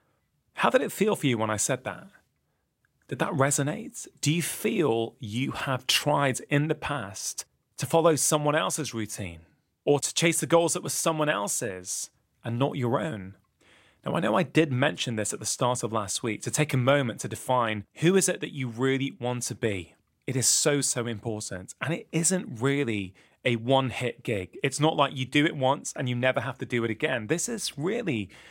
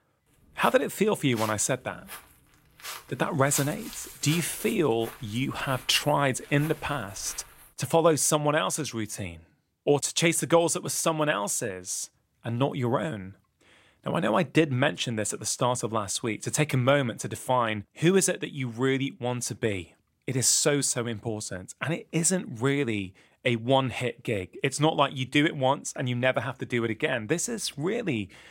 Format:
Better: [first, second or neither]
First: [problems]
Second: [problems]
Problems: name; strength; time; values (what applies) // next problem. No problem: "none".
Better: first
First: none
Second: footsteps; noticeable; from 0.5 to 7.5 s; peak 8 dB below the speech